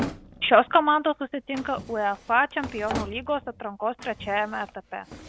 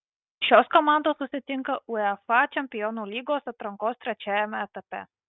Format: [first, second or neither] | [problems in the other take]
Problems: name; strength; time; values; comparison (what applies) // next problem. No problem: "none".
second | background sound (Drawer open or close); 13 dB below the speech